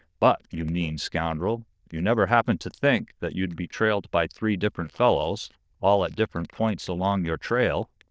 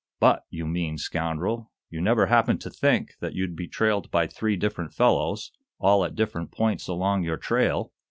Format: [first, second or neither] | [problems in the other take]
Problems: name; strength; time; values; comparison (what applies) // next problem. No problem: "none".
second | noise reduction (neural diffusion model UNIVERSE++)